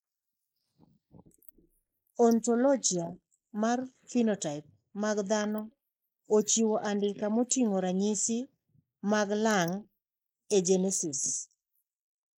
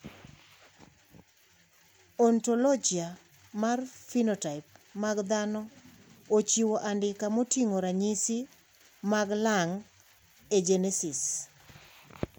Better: second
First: noise reduction (neural mask model Resemble Enhance denoiser)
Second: none

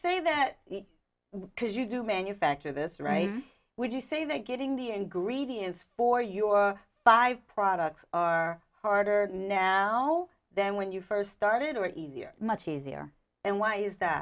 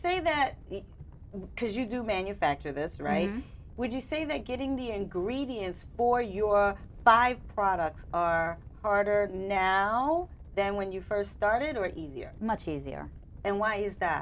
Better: first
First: none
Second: background sound (Animal); 16 dB below the speech

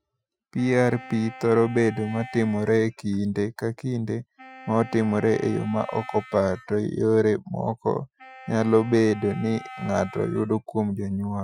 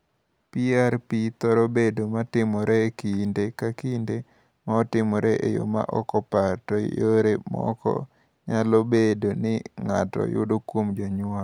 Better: second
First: noise reduction (classical method Wiener filter)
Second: none

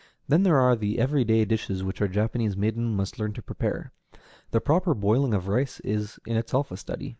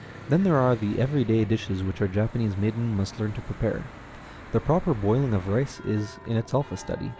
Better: first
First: none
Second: background sound (Church bell / Traffic noise, roadway noise); 16 dB below the speech

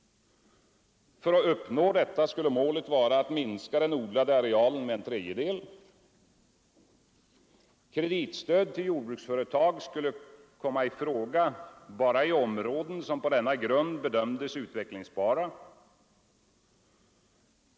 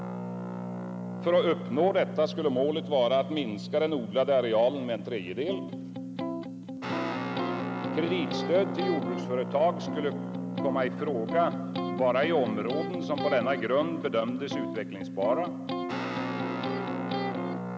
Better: first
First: none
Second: background sound (Guitar + Electric guitar); 4 dB below the speech

